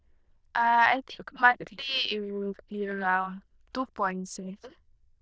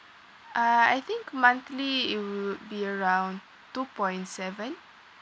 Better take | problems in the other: second | noise reduction (neural diffusion model UNIVERSE++)

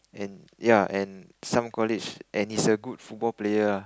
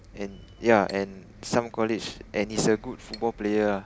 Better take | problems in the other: first | background sound (Bus + Chink, clink); 20 dB below the speech

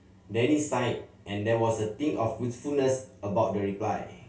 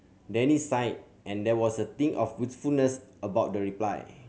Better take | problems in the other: second | room echo; dies away in 0.3 s

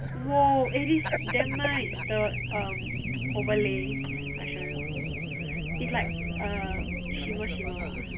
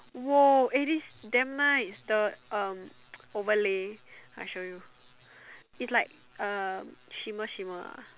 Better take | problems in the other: second | background sound (Race car, auto racing / Alarm); 1 dB below the speech // room echo; dies away in 0.2 s

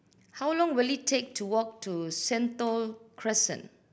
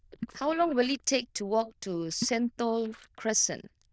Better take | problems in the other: first | noise reduction (neural diffusion model UNIVERSE++)

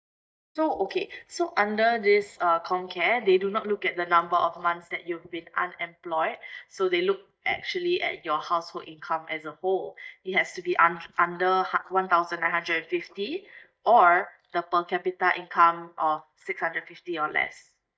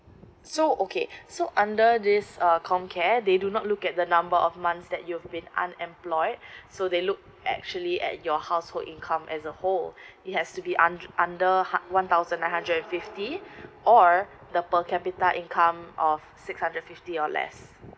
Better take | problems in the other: second | noise reduction (neural mask model DeepFilterNet 3)

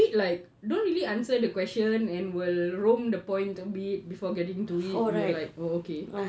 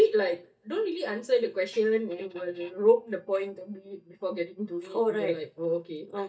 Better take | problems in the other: first | noise reduction (neural mask model DeepFilterNet 3)

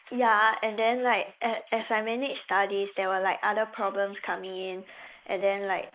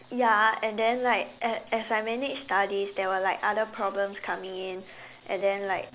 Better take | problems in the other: second | noise reduction (neural mask model Resemble Enhance denoiser)

